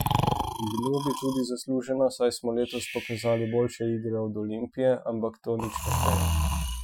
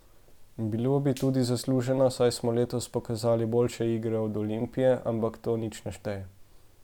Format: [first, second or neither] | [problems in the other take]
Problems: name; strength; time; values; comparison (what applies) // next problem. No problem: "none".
second | noise reduction (classical method Wiener filter)